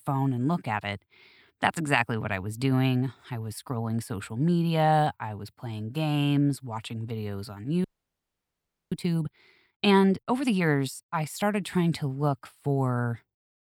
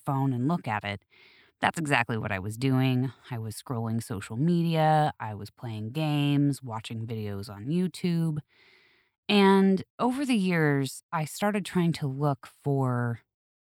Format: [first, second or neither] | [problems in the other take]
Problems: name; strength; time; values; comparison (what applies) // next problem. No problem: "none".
second | audio freezing; at 8 s for 1 s